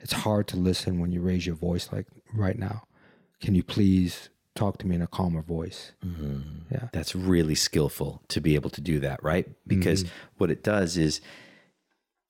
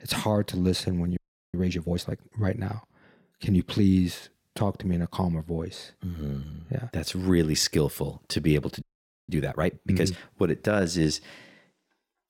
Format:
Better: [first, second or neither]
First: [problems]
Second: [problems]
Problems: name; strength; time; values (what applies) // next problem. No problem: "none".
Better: first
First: none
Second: audio freezing; at 1 s and at 9 s